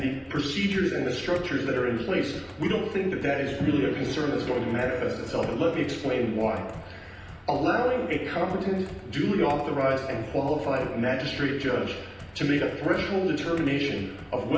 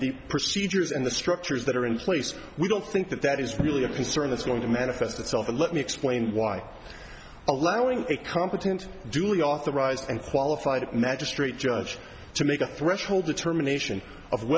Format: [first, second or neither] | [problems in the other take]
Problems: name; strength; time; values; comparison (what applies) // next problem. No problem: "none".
second | background sound (Computer keyboard); 17 dB below the speech // room echo; dies away in 0.9 s